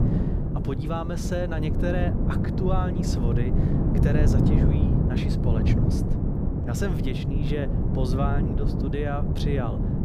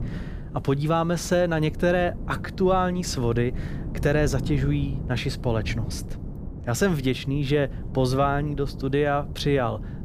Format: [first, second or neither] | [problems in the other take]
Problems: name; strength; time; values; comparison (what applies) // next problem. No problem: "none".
second | wind noise on the microphone; heavy; as loud as the speech; occasional gusts in the second